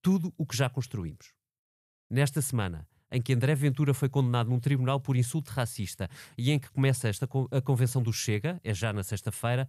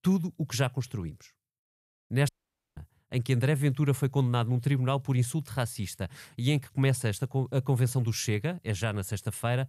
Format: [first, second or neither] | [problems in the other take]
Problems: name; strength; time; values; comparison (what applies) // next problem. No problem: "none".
first | audio cutting out; at 2.5 s